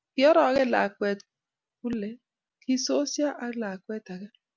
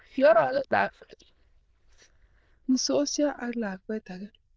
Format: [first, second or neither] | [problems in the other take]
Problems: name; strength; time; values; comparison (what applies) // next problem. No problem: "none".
first | noise reduction (neural diffusion model UNIVERSE++)